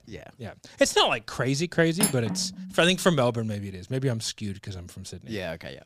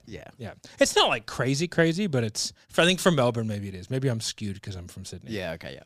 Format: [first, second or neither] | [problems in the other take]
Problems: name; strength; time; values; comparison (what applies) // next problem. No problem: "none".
second | clattering dishes; noticeable; at 2 s; peak level with the speech